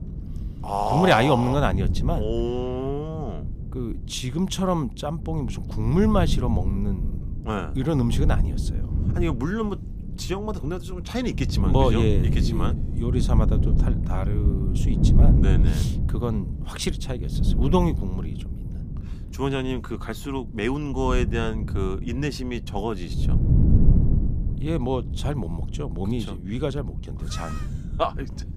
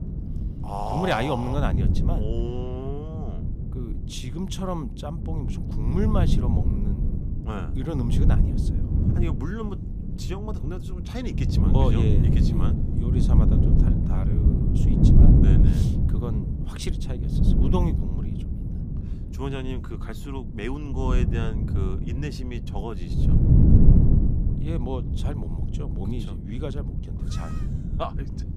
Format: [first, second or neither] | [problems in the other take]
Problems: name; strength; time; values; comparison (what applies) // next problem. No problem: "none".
first | wind noise on the microphone; heavy; 1 dB below the speech; occasional gusts in the first